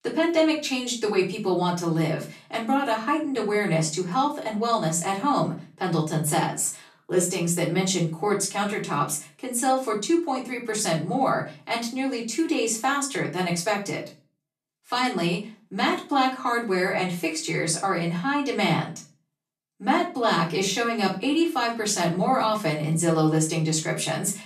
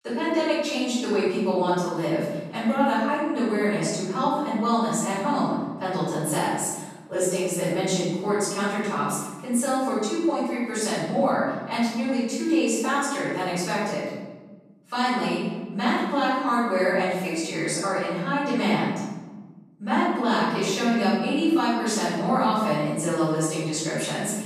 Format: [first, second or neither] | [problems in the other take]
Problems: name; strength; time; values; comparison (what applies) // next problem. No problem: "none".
first | room echo; strong; dies away in 1.4 s; slight in the first // off-mic speech; far; far in the first